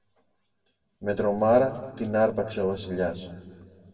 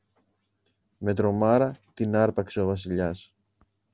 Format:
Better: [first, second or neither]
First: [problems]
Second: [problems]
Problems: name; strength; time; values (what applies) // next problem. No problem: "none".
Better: second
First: room echo; dies away in 1.5 s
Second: none